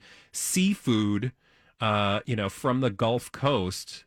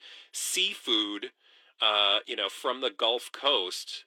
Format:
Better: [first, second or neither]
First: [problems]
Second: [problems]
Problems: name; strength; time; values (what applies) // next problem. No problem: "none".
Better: first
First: none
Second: thin; very; fading below 350 Hz